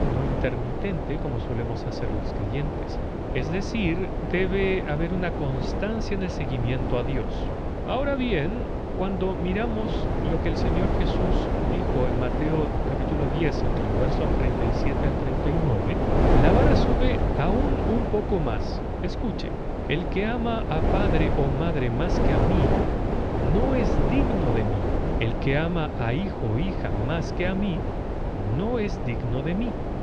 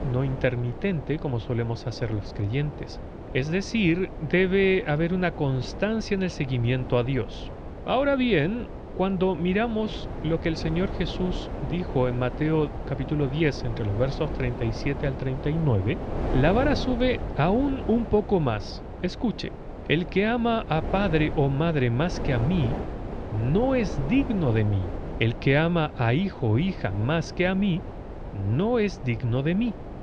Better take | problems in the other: second | wind noise on the microphone; heavy; 1 dB above the speech; occasional gusts in the second

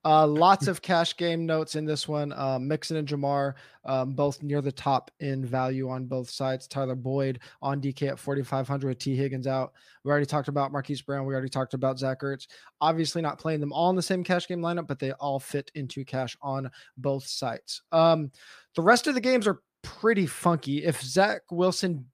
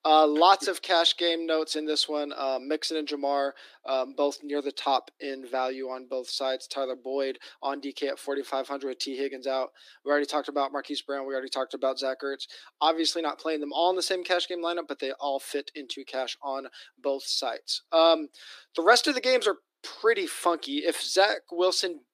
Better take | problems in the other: first | thin; somewhat; fading below 300 Hz

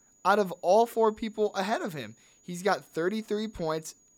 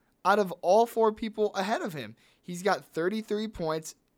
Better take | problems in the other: second | high-pitched whine; faint; throughout; 6.5 kHz, 30 dB below the speech

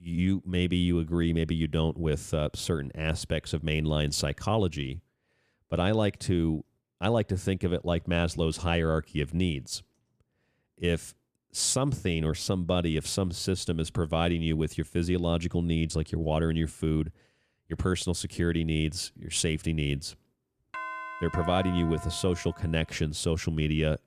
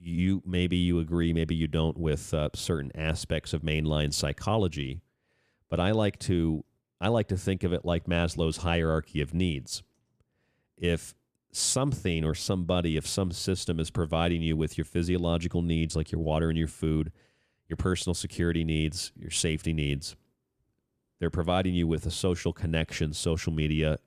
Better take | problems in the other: second | doorbell; noticeable; from 21 to 23 s; peak 7 dB below the speech

